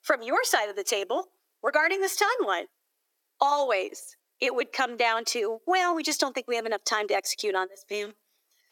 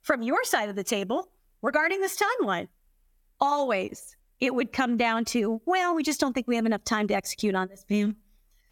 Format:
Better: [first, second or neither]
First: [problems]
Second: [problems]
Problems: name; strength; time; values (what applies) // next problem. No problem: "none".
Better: second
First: thin; very; fading below 350 Hz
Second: none